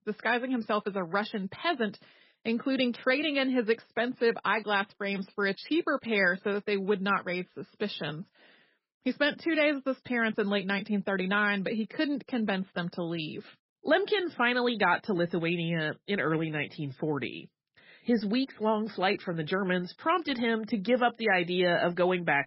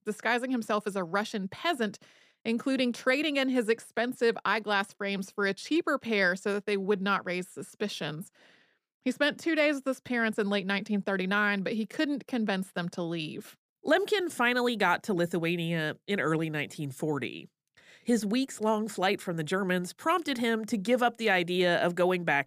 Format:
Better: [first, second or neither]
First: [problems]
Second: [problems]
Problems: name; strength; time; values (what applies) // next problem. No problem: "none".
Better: second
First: garbled, watery; badly; nothing above 5.5 kHz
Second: none